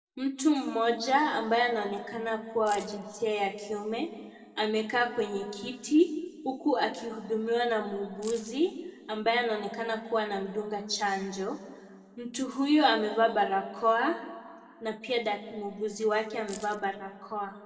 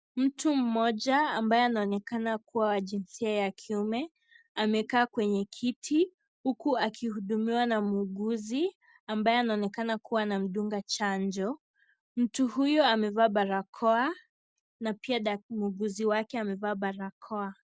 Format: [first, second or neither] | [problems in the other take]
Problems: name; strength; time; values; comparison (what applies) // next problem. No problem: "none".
second | background sound (Keys jangling); 18 dB below the speech // room echo; dies away in 1.4 s